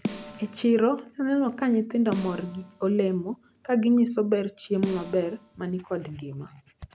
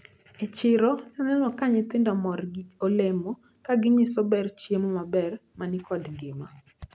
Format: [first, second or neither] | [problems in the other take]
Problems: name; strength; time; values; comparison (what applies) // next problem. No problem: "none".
second | background sound (Snare drum); 14 dB below the speech